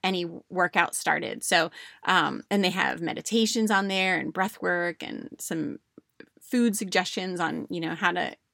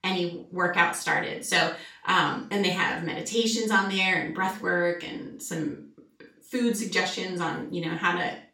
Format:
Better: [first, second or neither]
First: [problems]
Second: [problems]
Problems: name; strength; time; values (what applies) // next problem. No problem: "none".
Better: first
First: none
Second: room echo; slight; dies away in 0.4 s // off-mic speech; far